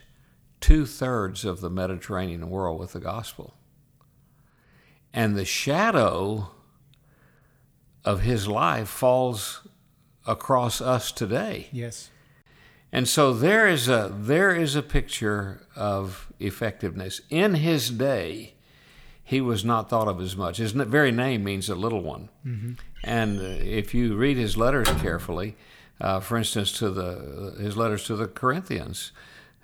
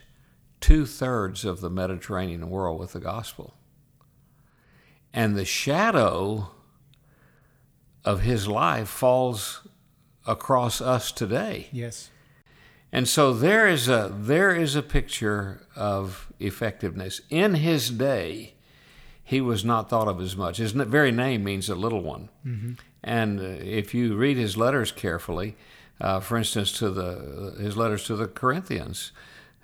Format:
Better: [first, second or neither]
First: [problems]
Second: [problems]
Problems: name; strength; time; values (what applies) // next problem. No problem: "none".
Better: second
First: door banging; noticeable; from 23 to 25 s; peak 1 dB below the speech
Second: none